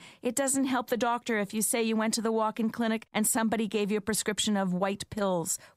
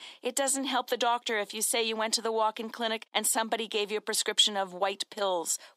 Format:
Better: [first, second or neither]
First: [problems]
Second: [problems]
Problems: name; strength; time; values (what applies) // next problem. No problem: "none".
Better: first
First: none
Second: thin; somewhat; fading below 300 Hz